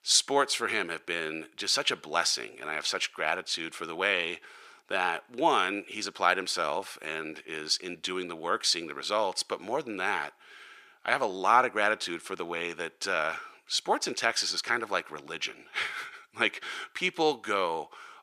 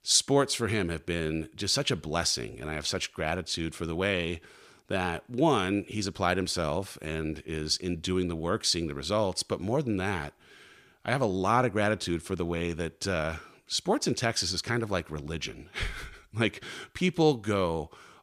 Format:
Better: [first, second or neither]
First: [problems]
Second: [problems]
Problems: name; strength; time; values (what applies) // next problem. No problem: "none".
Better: second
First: thin; very; fading below 400 Hz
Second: none